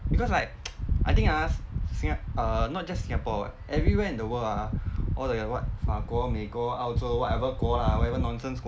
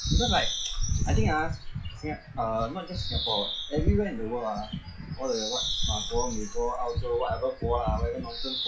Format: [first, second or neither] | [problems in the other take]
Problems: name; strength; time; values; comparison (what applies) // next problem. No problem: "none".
first | noise reduction (classical method log-MMSE)